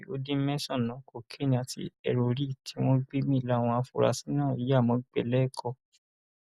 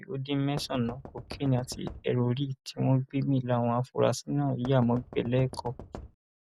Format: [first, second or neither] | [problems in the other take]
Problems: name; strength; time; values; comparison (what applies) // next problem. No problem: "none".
first | background sound (Knock); 15 dB below the speech